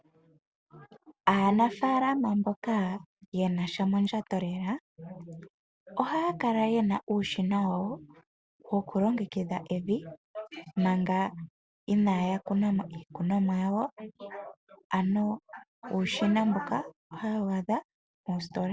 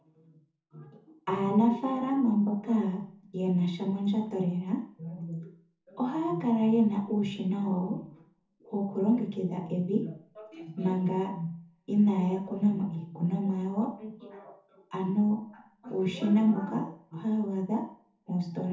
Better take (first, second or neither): first